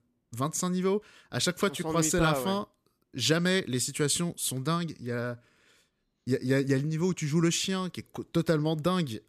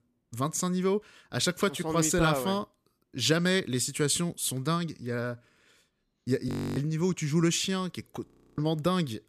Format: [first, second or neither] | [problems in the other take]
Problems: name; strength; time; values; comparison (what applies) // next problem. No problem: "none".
first | audio freezing; at 6.5 s and at 8.5 s